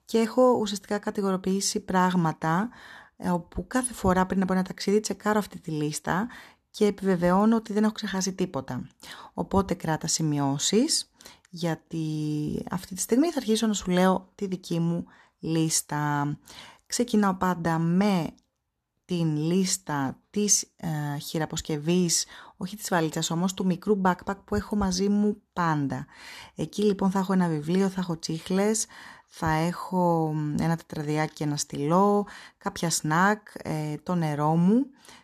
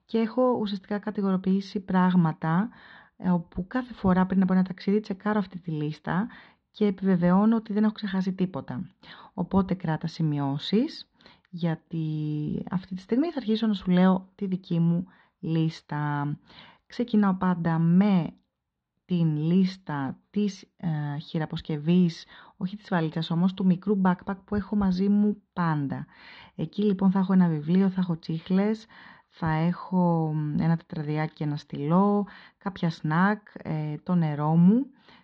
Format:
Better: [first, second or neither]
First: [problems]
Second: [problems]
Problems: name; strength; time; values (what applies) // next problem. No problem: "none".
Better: first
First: none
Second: muffled; slightly; fading above 4 kHz